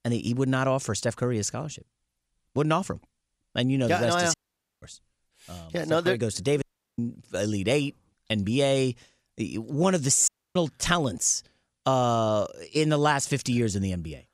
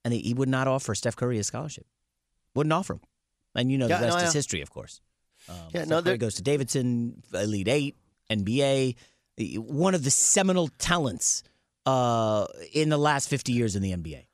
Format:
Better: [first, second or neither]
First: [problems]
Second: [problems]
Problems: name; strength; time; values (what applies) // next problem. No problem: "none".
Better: second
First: audio cutting out; at 4.5 s, at 6.5 s and at 10 s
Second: none